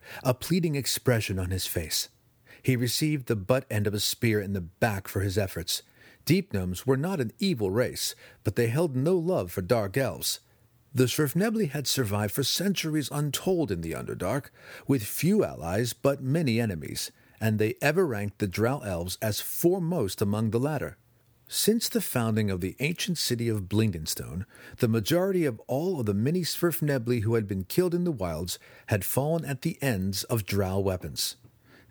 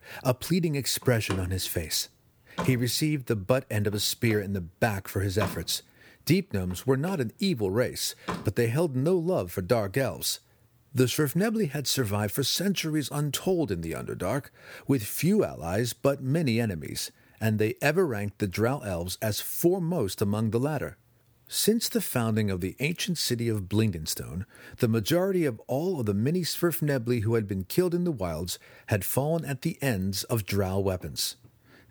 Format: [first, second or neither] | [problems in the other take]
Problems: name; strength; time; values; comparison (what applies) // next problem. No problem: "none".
first | door banging; noticeable; from 1 to 8.5 s; peak 8 dB below the speech